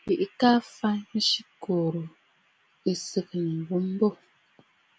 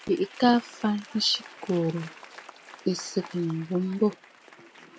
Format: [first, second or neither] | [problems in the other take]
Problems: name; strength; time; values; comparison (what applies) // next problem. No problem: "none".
first | background sound (Applause / Crowd); 19 dB below the speech